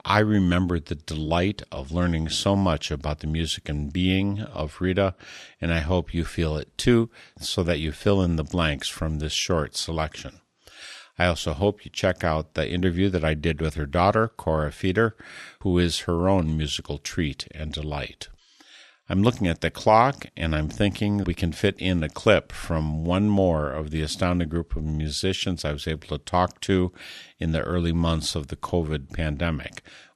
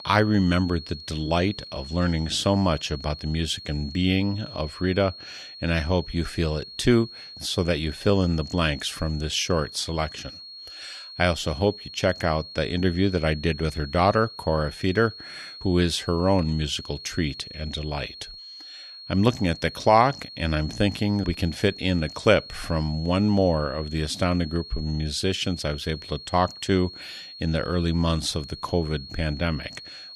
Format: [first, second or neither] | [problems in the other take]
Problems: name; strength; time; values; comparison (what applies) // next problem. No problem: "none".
first | high-pitched whine; noticeable; throughout; 4.5 kHz, 15 dB below the speech